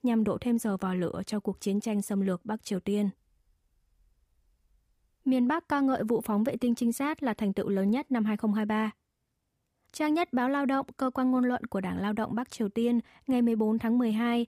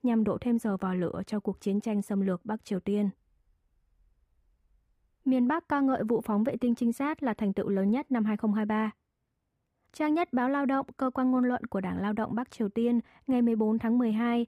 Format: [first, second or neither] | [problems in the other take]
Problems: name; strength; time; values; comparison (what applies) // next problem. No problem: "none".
first | muffled; slightly; fading above 3 kHz